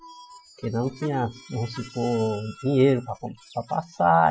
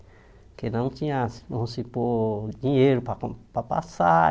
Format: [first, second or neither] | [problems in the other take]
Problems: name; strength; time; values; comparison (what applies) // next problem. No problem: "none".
second | noise reduction (classical method Wiener filter)